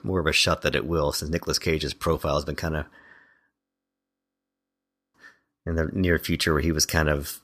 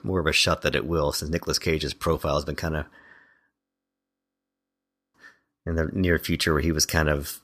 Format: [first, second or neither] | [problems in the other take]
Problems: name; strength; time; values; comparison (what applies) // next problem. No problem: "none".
neither | audio freezing; at 3.5 s for 1.5 s; the same in both